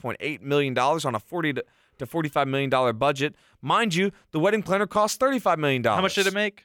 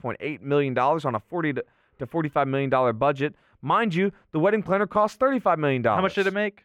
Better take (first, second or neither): first